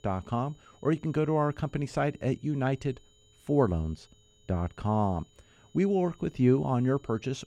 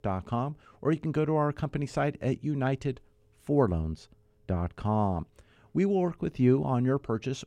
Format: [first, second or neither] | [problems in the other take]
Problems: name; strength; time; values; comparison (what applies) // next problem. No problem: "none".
second | high-pitched whine; faint; throughout; 3 kHz, 35 dB below the speech